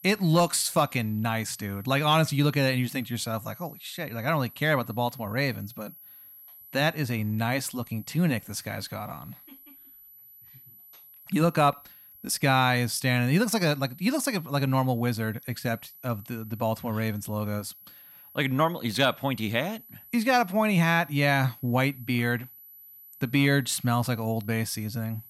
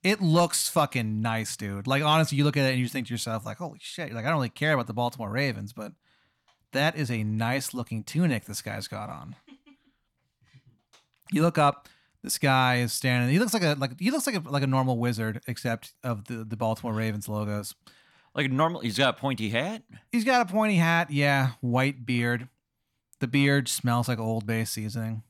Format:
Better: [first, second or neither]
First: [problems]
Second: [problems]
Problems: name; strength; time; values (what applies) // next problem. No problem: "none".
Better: second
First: high-pitched whine; faint; throughout; 11.5 kHz, 20 dB below the speech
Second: none